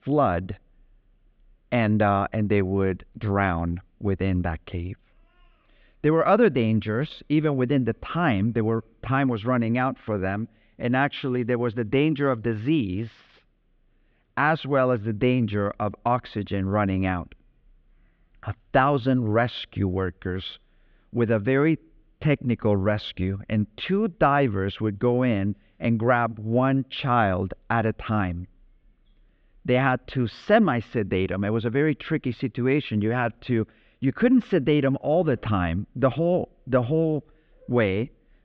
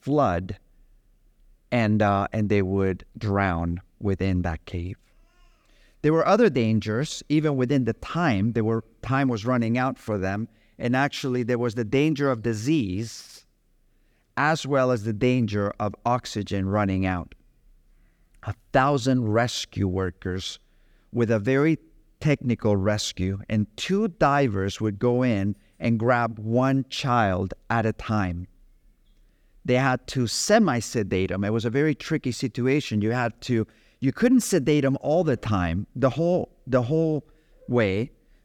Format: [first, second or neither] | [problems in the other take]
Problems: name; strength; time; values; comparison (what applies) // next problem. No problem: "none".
second | muffled; very; fading above 3.5 kHz